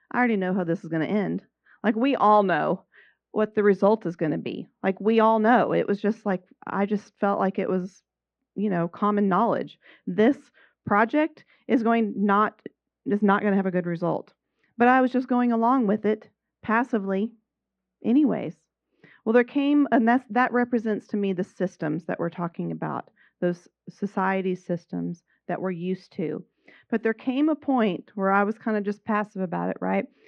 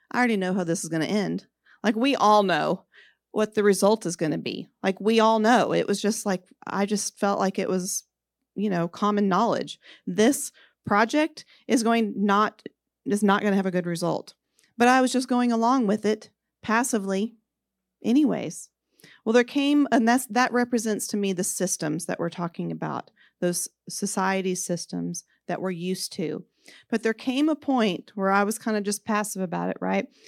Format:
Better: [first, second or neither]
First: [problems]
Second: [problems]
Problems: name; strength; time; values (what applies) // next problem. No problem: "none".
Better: second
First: muffled; very; fading above 2.5 kHz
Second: none